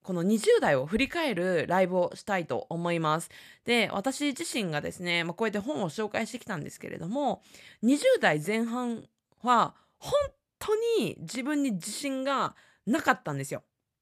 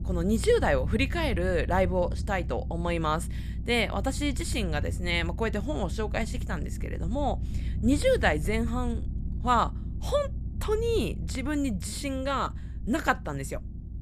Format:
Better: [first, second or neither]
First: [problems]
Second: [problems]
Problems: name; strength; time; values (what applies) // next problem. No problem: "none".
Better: first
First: none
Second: low rumble; noticeable; throughout; 20 dB below the speech